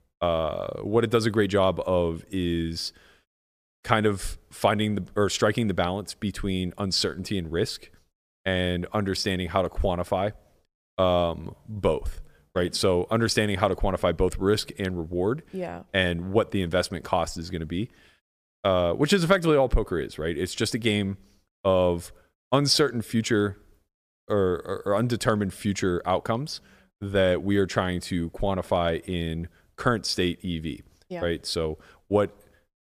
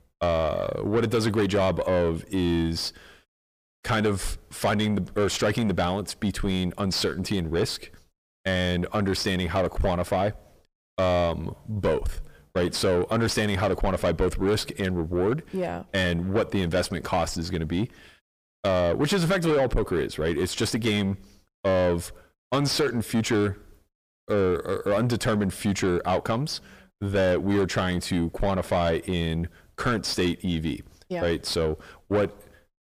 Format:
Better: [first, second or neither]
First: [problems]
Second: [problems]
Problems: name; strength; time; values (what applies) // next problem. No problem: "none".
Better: first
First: none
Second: distortion; heavy; 8 dB below the speech